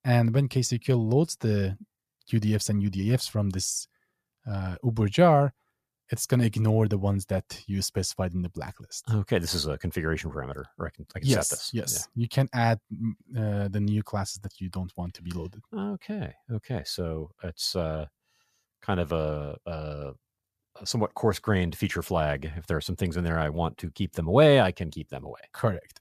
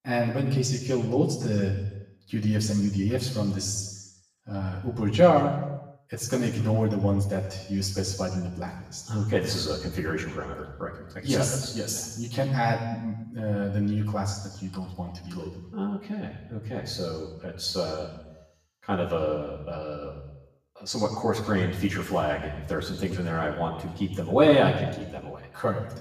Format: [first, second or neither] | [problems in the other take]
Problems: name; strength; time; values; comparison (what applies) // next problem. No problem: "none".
first | room echo; noticeable; dies away in 1 s // off-mic speech; far